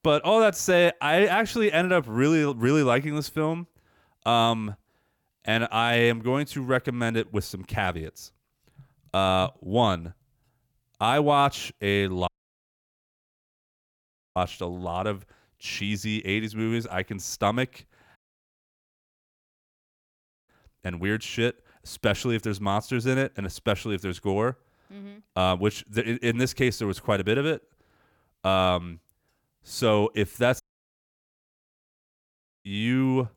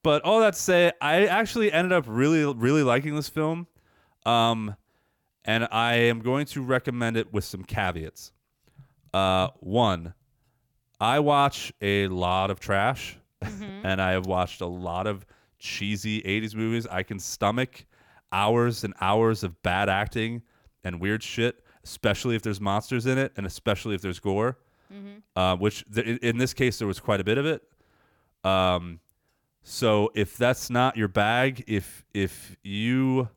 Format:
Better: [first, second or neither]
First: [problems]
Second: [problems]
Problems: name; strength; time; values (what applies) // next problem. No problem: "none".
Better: second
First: audio cutting out; at 12 s for 2 s, at 18 s for 2.5 s and at 31 s for 2 s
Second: none